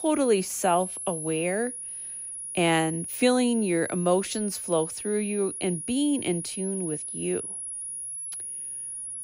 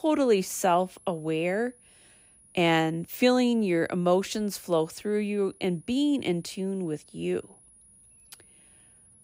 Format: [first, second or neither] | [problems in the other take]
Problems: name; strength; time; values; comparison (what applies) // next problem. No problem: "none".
second | high-pitched whine; loud; throughout; 10.5 kHz, 6 dB below the speech; faint in the second